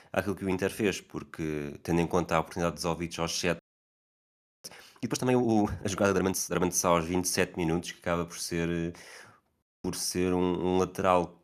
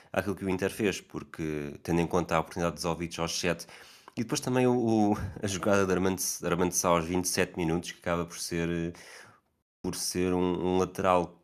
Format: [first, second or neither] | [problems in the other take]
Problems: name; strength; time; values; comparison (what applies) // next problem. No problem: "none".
second | audio freezing; at 3.5 s for 1 s